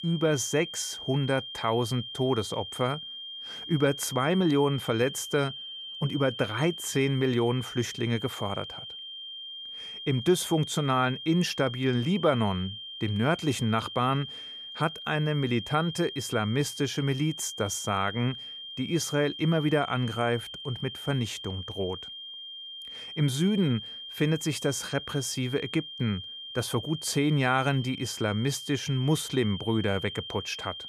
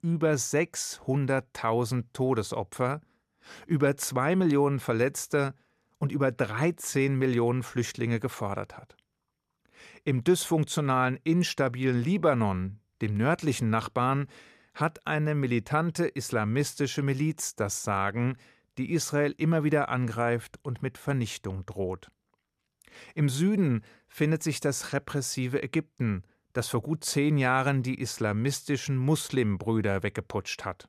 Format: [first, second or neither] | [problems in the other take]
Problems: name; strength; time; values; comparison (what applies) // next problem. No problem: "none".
second | high-pitched whine; loud; throughout; 3 kHz, 9 dB below the speech